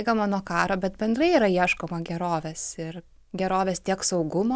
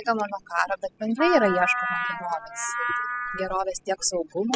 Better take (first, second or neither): first